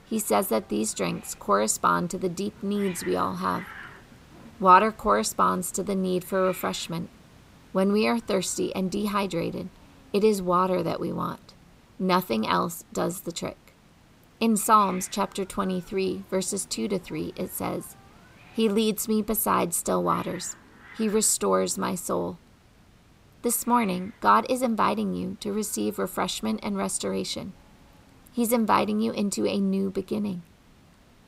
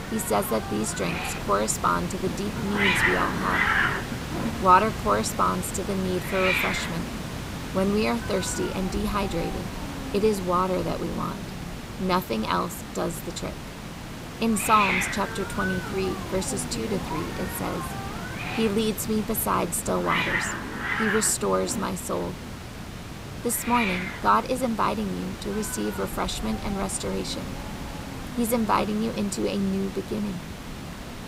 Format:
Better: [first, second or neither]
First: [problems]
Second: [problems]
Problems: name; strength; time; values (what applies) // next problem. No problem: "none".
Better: first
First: hiss; faint; throughout; 25 dB below the speech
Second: hiss; loud; throughout; 4 dB below the speech